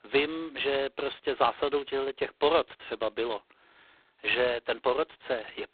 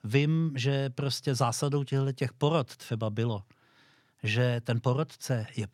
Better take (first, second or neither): second